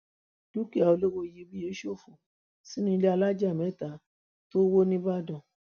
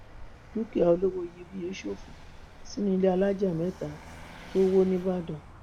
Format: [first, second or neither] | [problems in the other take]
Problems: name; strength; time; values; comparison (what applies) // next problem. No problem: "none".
first | background sound (Vehicle); 17 dB below the speech